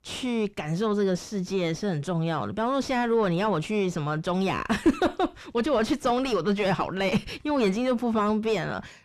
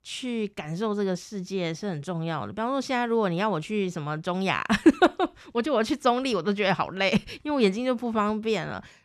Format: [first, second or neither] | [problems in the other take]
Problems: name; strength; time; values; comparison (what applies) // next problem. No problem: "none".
second | distortion; heavy; 6 dB below the speech